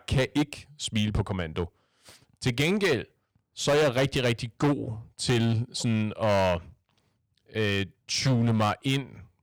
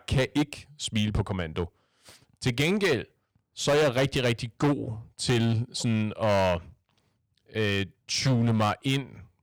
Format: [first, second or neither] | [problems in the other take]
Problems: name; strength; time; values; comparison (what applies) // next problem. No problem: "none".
neither | distortion; heavy; 9% of the sound clipped; the same in both